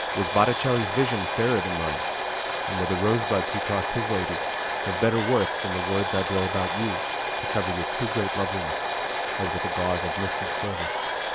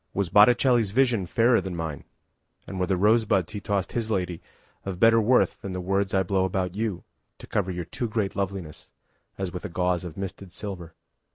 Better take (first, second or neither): second